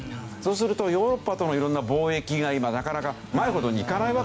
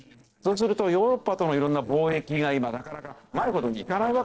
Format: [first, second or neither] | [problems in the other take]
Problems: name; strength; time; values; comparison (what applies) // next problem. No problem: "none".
first | noise reduction (neural separator model SepFormer DNS4)